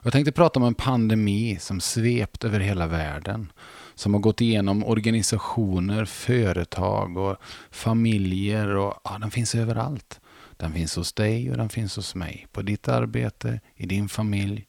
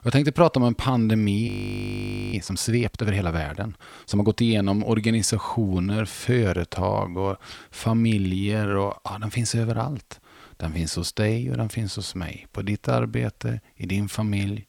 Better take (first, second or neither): first